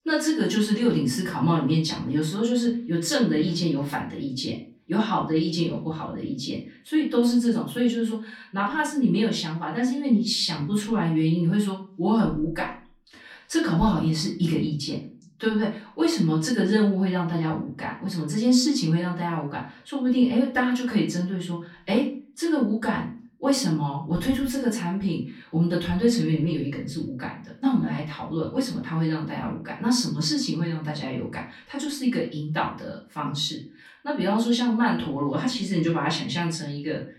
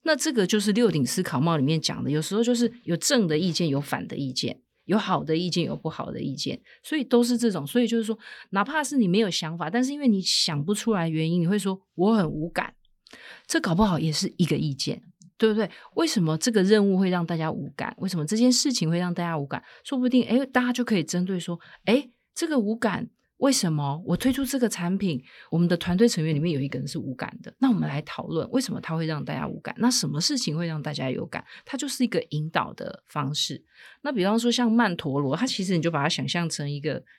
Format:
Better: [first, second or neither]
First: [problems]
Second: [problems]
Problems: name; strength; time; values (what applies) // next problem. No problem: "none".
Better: second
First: off-mic speech; far // room echo; slight; dies away in 0.3 s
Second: none